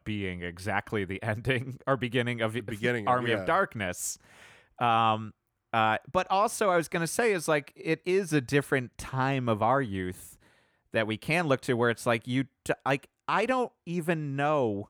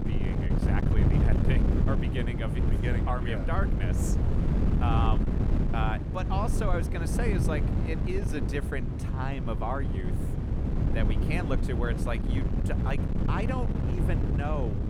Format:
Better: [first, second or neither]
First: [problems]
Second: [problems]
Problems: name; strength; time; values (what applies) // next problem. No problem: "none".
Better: first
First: none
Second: wind noise on the microphone; heavy; 2 dB below the speech